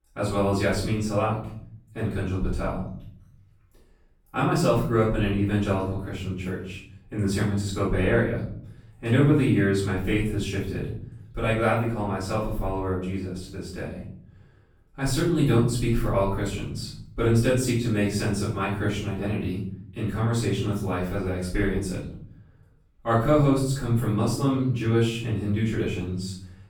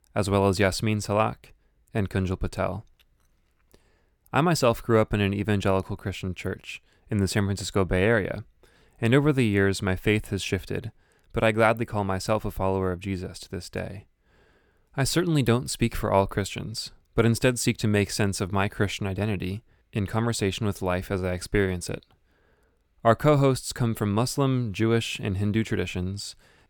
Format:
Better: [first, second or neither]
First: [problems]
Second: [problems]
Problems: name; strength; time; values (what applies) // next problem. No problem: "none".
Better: second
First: off-mic speech; far // room echo; noticeable; dies away in 0.8 s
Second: none